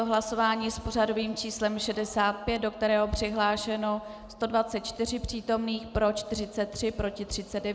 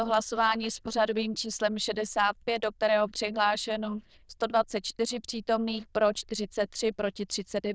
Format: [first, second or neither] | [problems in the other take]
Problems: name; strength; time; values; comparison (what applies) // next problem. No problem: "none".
first | noise reduction (neural diffusion model UNIVERSE++)